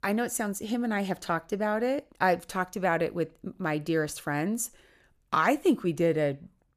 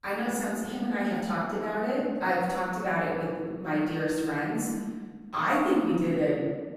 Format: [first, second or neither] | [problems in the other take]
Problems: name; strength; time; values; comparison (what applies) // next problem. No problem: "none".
first | room echo; strong; dies away in 1.4 s // off-mic speech; far